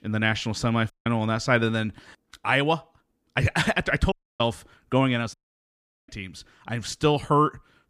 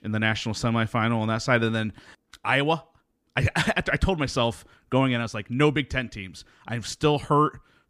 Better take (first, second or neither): second